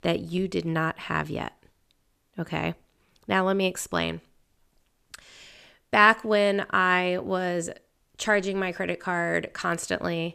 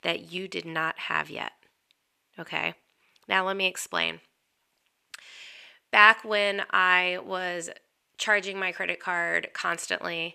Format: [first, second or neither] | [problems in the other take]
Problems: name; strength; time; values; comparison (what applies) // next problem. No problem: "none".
first | thin; somewhat; fading below 1 kHz